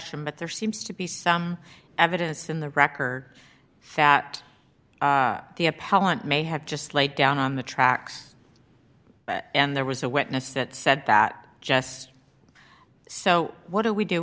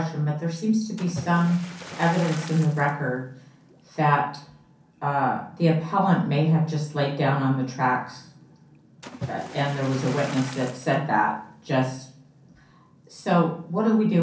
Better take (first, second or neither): first